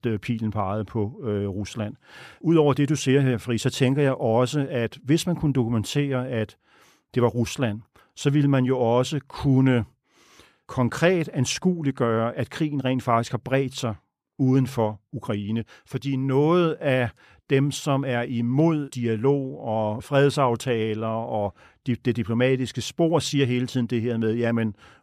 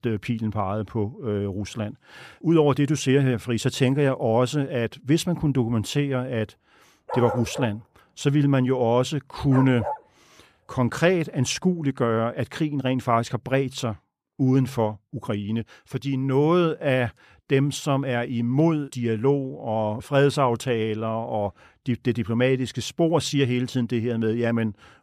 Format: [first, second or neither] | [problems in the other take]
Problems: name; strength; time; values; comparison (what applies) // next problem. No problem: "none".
first | dog barking; noticeable; from 7 to 10 s; peak 6 dB below the speech